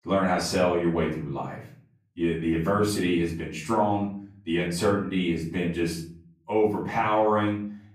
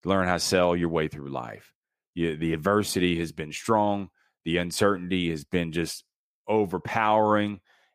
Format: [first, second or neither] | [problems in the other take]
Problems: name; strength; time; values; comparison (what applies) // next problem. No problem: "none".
second | off-mic speech; far // room echo; slight; dies away in 0.5 s